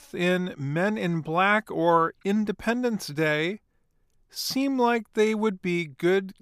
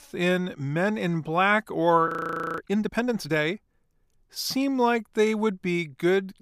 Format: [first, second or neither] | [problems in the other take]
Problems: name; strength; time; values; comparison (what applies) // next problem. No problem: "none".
first | audio freezing; at 2 s for 0.5 s